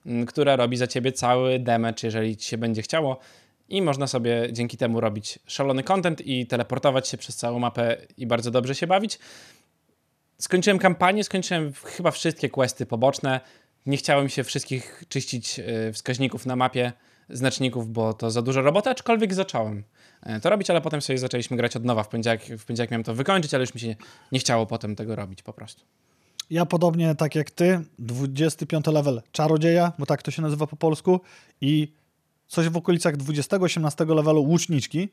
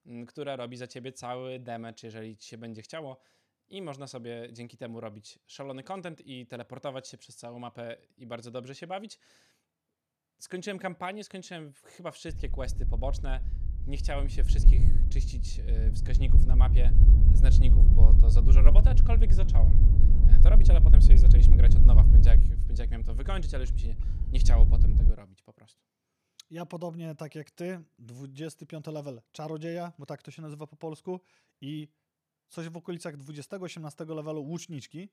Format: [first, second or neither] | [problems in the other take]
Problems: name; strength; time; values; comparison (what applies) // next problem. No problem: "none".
first | wind noise on the microphone; heavy; from 12 to 25 s; 1 dB below the speech